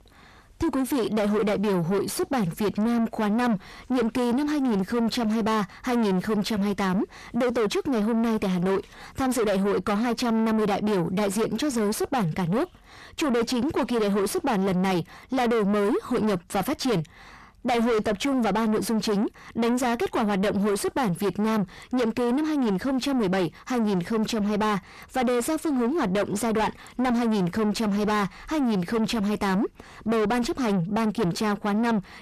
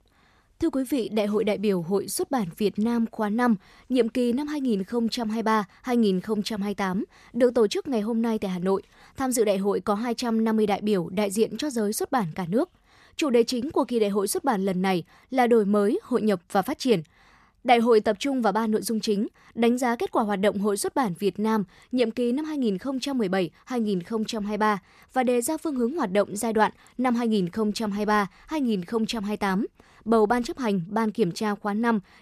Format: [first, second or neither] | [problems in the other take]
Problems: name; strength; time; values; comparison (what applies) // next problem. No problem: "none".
second | distortion; heavy; 6 dB below the speech